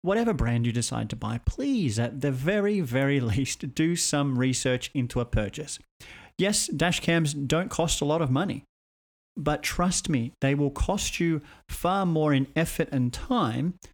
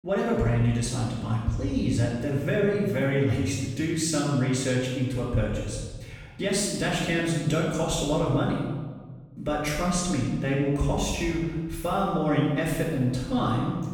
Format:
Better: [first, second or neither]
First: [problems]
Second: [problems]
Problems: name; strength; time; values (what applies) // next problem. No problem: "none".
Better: first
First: none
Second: off-mic speech; far // room echo; strong; dies away in 1.3 s